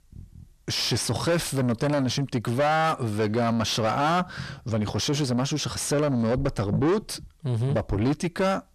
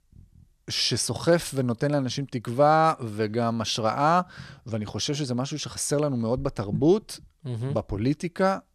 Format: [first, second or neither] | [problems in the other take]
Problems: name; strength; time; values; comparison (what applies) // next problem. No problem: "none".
second | distortion; heavy; 6 dB below the speech